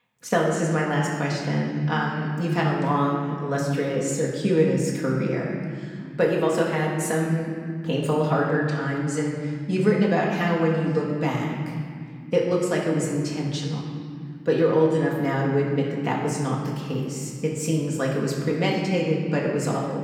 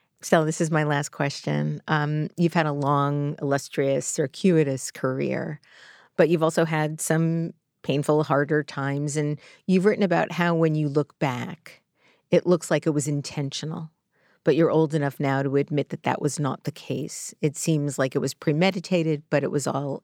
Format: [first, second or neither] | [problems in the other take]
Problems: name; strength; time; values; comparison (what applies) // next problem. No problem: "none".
second | room echo; noticeable; dies away in 2.2 s // off-mic speech; far